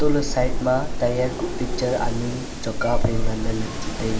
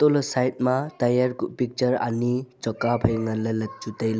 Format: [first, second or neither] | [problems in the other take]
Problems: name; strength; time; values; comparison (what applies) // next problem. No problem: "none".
second | background sound (Wind); 1 dB above the speech // room echo; dies away in 0.6 s